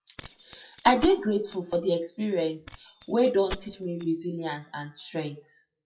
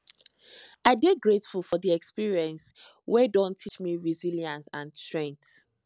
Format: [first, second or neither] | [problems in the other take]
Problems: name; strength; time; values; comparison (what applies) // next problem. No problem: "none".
second | noise reduction (classical method WPE with log-MMSE)